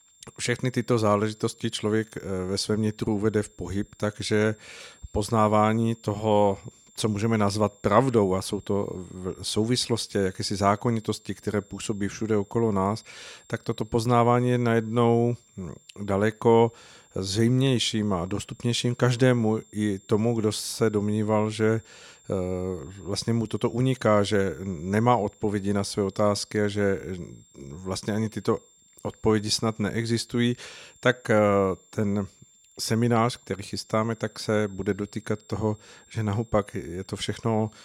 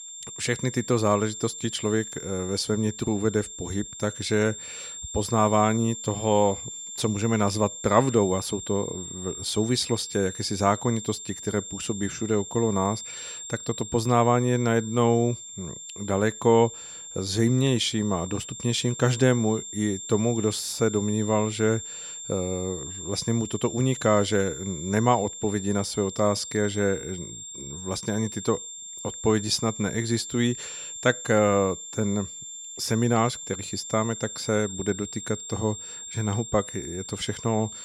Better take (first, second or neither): first